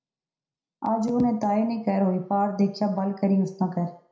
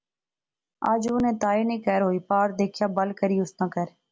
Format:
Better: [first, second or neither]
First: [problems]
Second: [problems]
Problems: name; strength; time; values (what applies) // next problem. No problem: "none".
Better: second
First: room echo; dies away in 0.4 s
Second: none